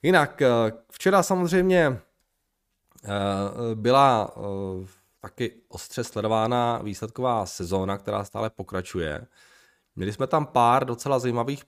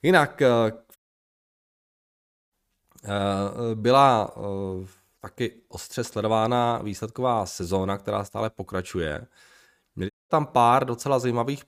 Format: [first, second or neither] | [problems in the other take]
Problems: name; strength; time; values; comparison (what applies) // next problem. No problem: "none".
first | audio cutting out; at 1 s for 1.5 s and at 10 s